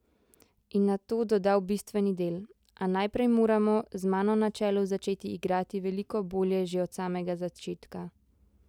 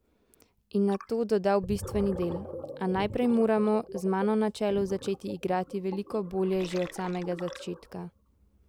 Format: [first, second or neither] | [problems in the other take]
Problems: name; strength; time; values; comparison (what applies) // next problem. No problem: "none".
first | background sound (Gurgling); 14 dB below the speech